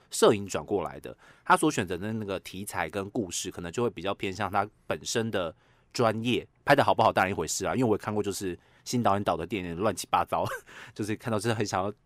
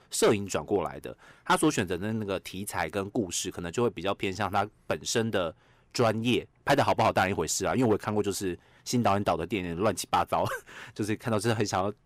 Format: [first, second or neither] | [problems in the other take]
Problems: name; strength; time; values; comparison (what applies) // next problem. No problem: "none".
first | distortion; slight; 2% of the sound clipped